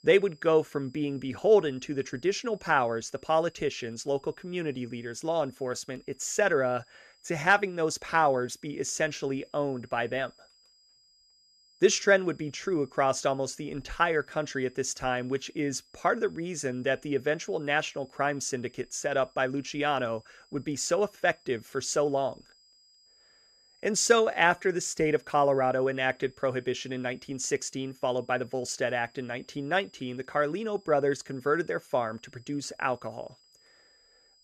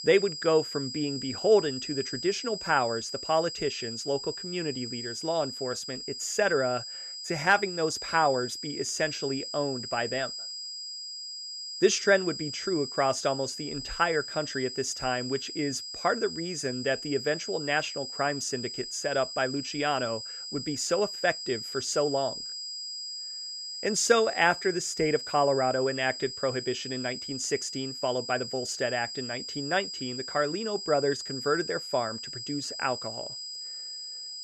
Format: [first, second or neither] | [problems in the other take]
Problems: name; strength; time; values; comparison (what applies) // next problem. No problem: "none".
first | high-pitched whine; loud; throughout; 5 kHz, 6 dB below the speech; faint in the first